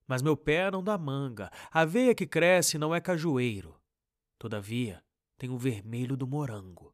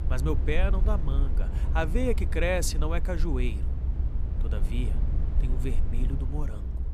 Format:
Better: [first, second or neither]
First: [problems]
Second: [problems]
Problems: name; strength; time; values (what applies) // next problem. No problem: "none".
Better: first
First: none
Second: low rumble; noticeable; throughout; 10 dB below the speech